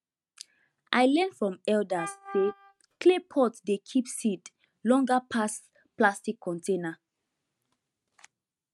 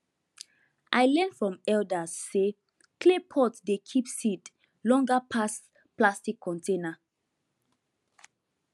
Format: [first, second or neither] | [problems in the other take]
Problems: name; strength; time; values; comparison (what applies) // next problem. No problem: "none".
second | noise reduction (neural mask model RNNoise)